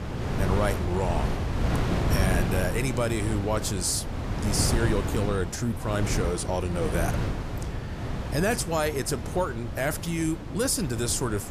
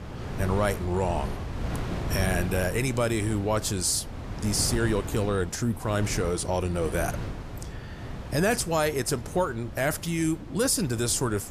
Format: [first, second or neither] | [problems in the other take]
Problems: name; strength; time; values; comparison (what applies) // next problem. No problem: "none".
second | wind noise on the microphone; heavy; 6 dB below the speech; occasional gusts in the second